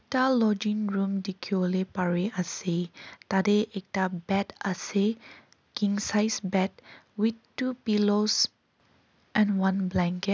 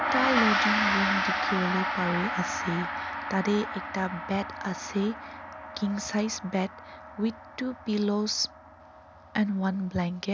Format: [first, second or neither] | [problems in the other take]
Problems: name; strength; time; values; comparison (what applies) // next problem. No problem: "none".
first | background sound (Gong); 2 dB below the speech